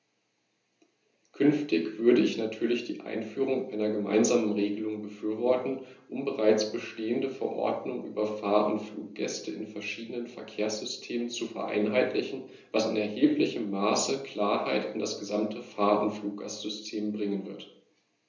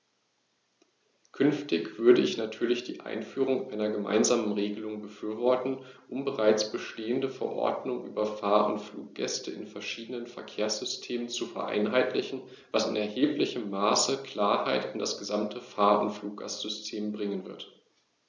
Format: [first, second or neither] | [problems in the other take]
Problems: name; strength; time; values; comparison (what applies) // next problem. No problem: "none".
second | room echo; dies away in 0.3 s